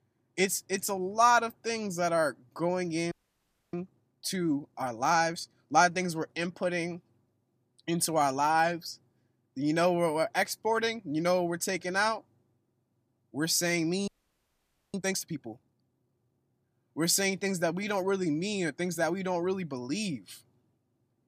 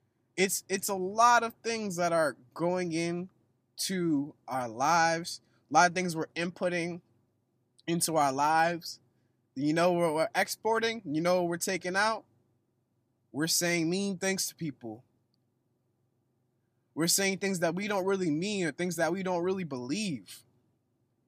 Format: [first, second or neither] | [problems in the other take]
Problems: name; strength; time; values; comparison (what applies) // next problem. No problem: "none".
second | audio freezing; at 3 s for 0.5 s and at 14 s for 1 s